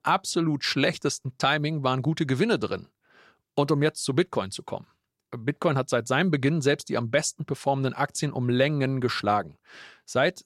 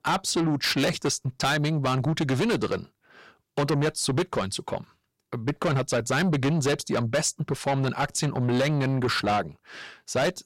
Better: first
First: none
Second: distortion; heavy; 7 dB below the speech

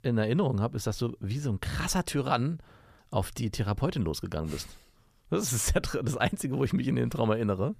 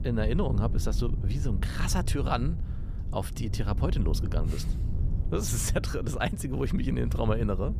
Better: first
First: none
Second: wind noise on the microphone; occasional gusts; 15 dB below the speech

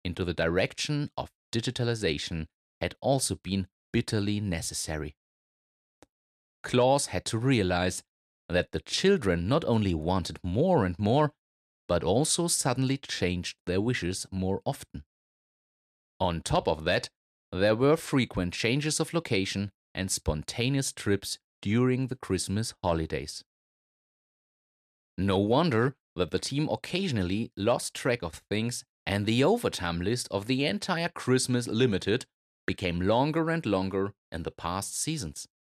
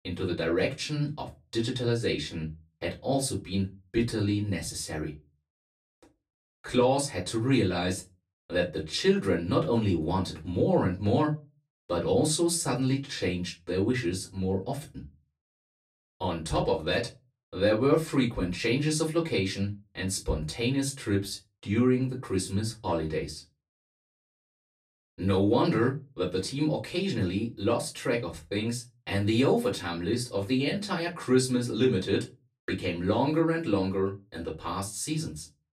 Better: first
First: none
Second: off-mic speech; far // room echo; very slight; dies away in 0.2 s

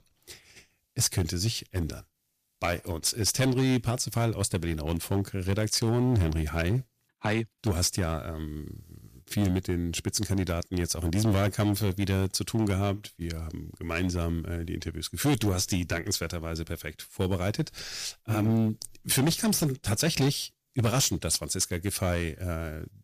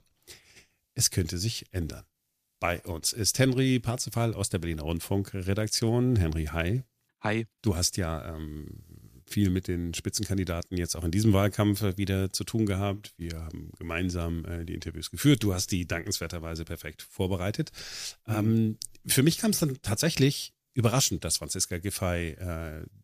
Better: second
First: distortion; slight; 6% of the sound clipped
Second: none

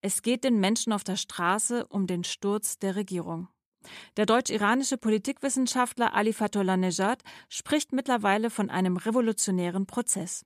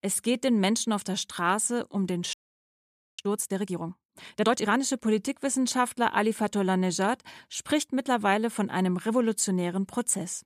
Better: first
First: none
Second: audio freezing; at 2.5 s for 1 s

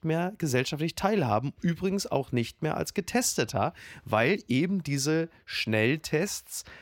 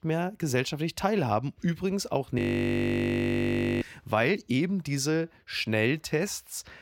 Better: first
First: none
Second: audio freezing; at 2.5 s for 1.5 s

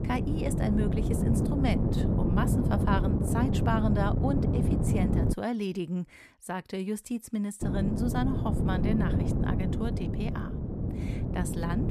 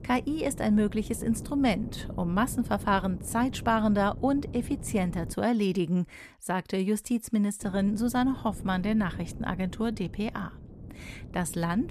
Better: second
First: wind noise on the microphone; heavy; until 5.5 s and from 7.5 s on; 1 dB below the speech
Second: wind noise on the microphone; occasional gusts; until 5.5 s and from 7.5 s on; 20 dB below the speech

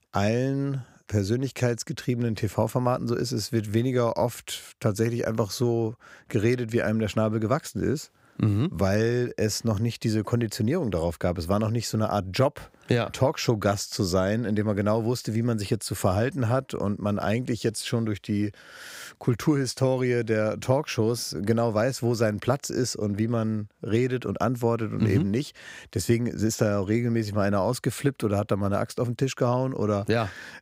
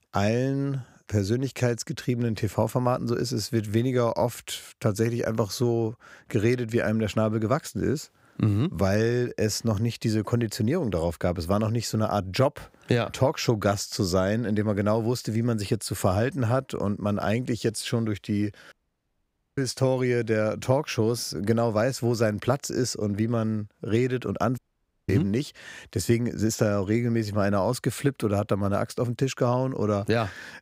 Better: first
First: none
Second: audio cutting out; at 19 s for 1 s and at 25 s for 0.5 s

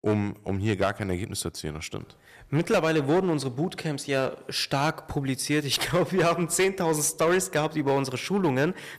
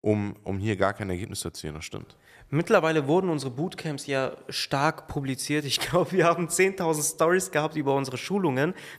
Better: second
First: distortion; slight; 7% of the sound clipped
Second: none

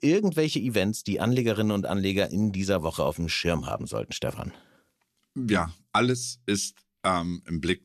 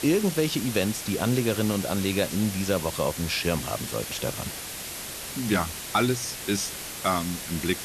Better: first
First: none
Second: hiss; loud; throughout; 6 dB below the speech

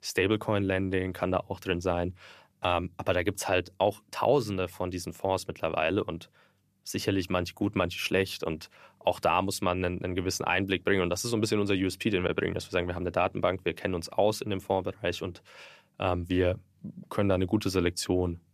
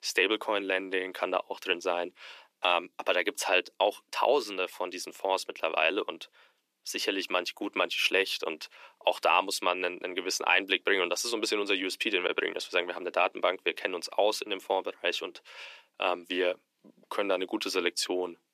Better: first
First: none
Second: thin; somewhat; fading below 350 Hz

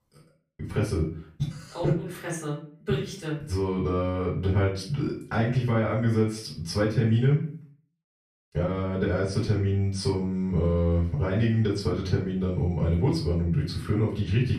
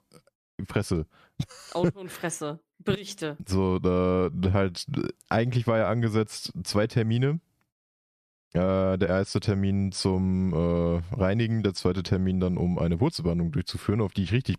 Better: second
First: room echo; slight; dies away in 0.4 s // off-mic speech; far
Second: none

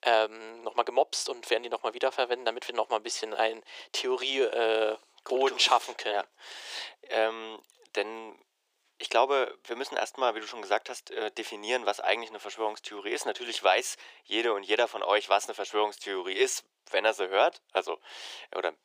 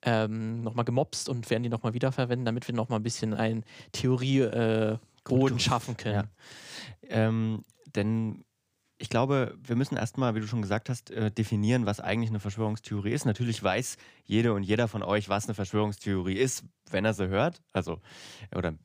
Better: second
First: thin; very; fading below 350 Hz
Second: none

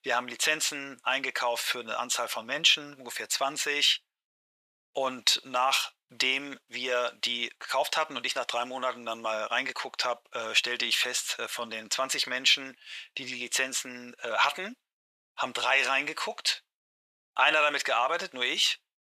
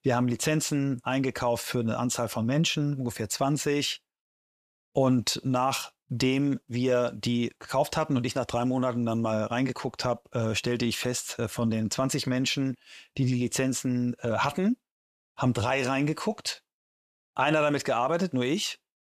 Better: second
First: thin; very; fading below 750 Hz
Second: none

